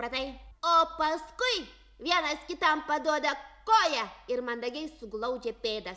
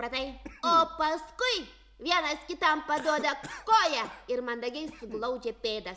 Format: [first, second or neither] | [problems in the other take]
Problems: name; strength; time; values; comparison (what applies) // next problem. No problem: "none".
first | background sound (Cough); 18 dB below the speech